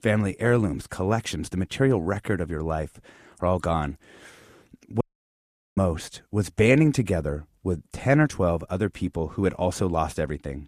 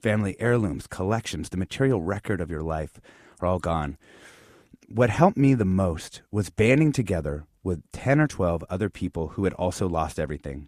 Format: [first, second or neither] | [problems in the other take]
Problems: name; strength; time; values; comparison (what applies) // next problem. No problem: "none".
second | audio cutting out; at 5 s for 1 s